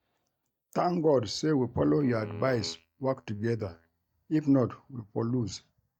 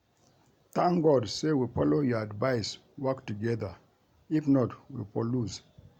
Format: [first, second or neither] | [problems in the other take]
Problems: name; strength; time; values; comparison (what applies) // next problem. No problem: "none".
second | noise reduction (neural mask model DeepFilterNet 3)